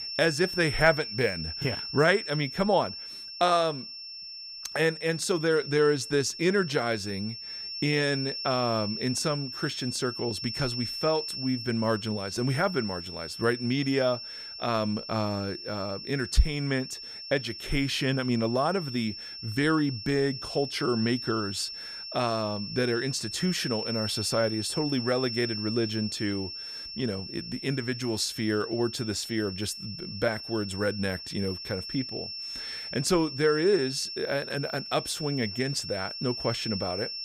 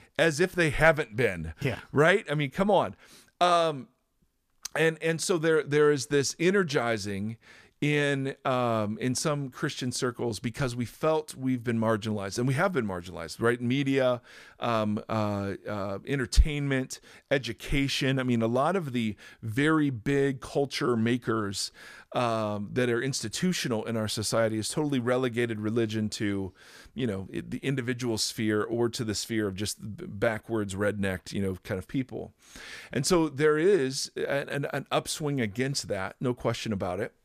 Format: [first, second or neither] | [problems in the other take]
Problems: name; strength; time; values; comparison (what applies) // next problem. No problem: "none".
second | high-pitched whine; loud; throughout; 5.5 kHz, 7 dB below the speech